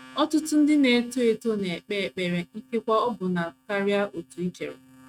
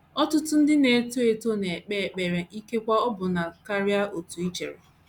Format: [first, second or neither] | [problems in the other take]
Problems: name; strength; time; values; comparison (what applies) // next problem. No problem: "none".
second | noise reduction (neural mask model RNNoise)